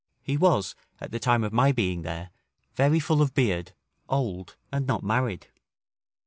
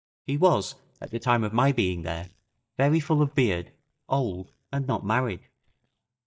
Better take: first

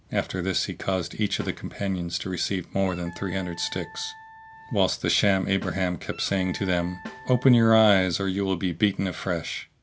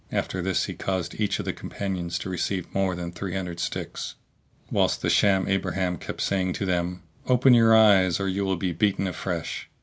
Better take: second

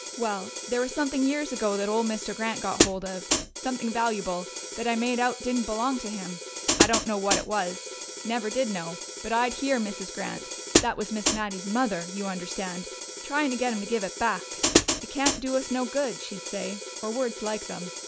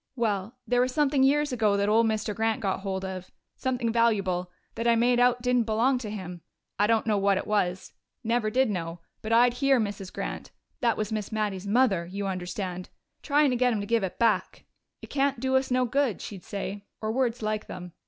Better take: second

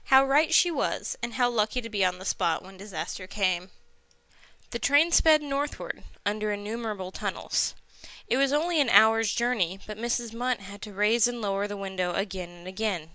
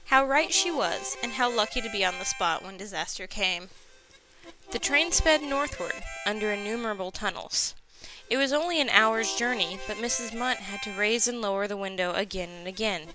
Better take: first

